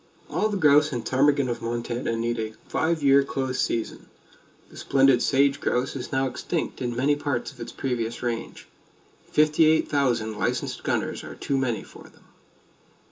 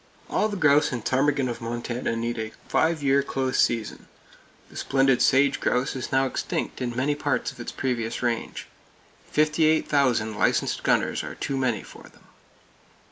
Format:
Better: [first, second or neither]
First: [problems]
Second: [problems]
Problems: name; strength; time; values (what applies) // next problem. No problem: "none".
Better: second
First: room echo; dies away in 0.2 s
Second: none